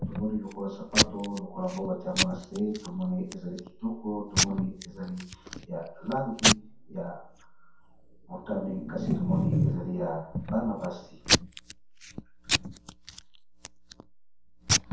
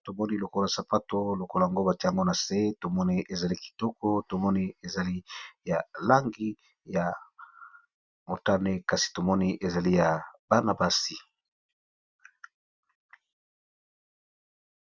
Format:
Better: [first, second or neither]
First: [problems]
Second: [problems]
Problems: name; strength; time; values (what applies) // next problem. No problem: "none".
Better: second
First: background sound (Packing tape, duct tape / Tearing); 3 dB above the speech // room echo; dies away in 0.6 s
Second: none